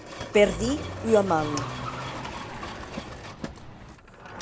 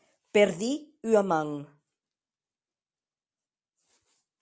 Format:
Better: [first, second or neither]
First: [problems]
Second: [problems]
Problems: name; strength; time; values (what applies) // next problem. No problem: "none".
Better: second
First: background sound (Mechanisms + Car); 7 dB below the speech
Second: none